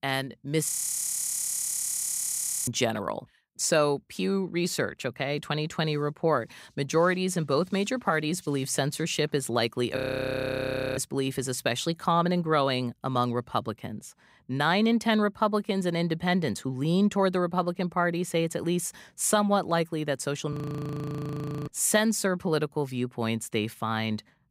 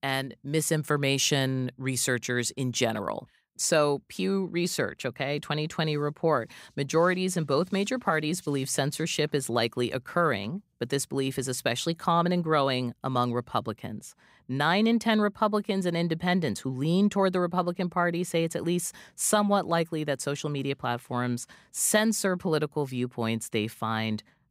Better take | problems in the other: second | audio freezing; at 0.5 s for 2 s, at 10 s for 1 s and at 21 s for 1 s

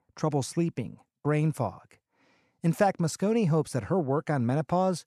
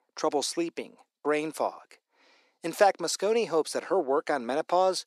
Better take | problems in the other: first | thin; very; fading below 350 Hz

